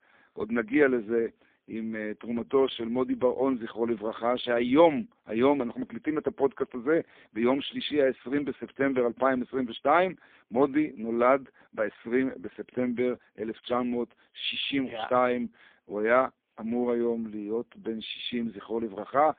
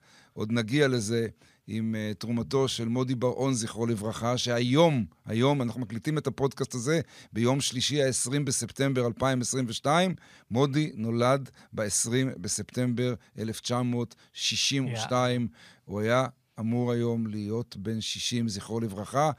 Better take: second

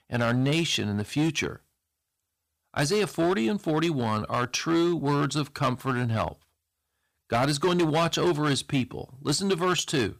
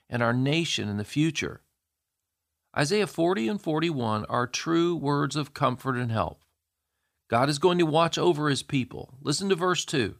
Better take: second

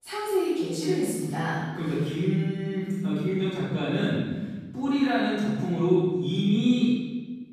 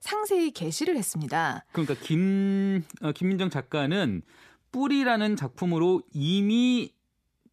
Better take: second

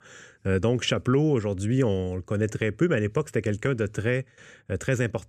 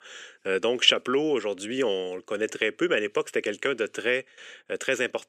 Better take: first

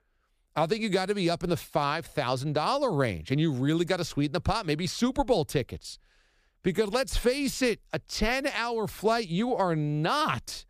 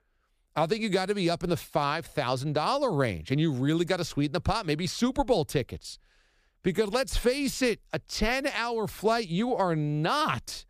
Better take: neither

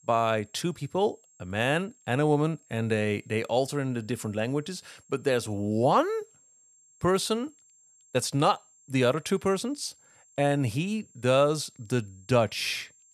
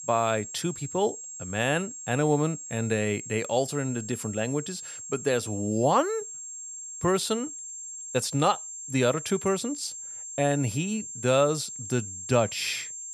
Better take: first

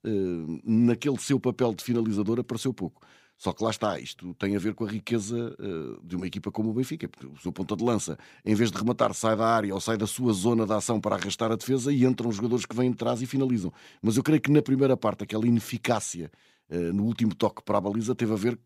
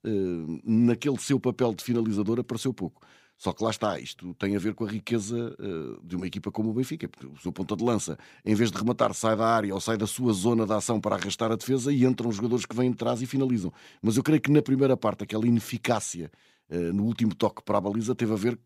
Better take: neither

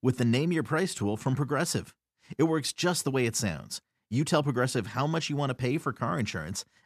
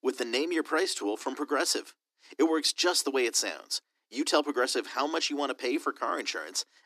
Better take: first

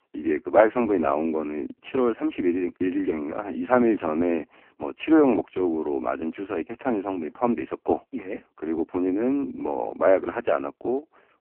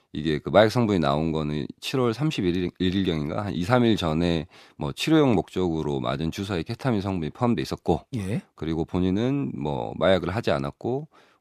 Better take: second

